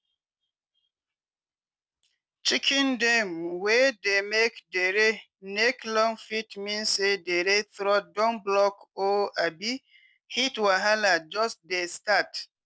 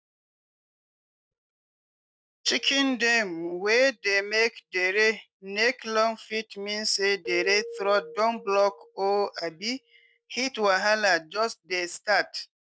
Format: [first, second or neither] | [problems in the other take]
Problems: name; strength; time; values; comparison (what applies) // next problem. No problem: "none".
first | noise reduction (neural mask model DeepFilterNet 3)